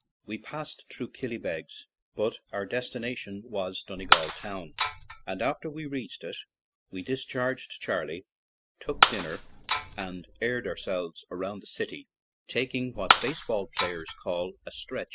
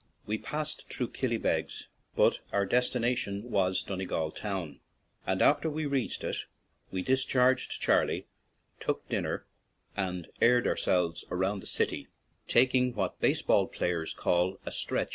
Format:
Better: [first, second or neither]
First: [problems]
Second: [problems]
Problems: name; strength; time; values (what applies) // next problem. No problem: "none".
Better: second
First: noise reduction (classical method spectral subtraction)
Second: none